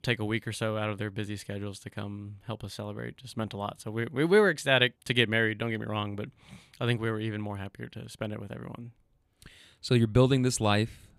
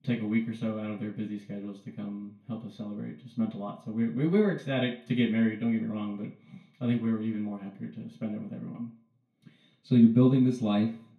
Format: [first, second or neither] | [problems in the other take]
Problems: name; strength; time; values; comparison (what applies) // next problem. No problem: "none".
first | room echo; slight; dies away in 0.4 s // off-mic speech; far